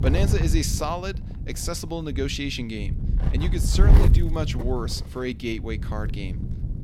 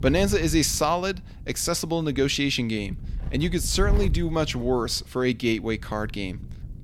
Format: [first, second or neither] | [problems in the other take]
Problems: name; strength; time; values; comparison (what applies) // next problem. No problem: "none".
second | wind noise on the microphone; heavy; 7 dB below the speech; occasional gusts in the second